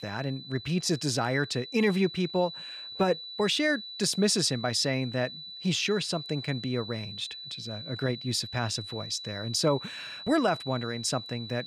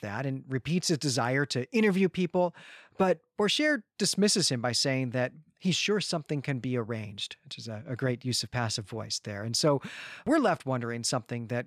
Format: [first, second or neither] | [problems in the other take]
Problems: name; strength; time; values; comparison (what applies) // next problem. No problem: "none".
second | high-pitched whine; noticeable; throughout; 4 kHz, 10 dB below the speech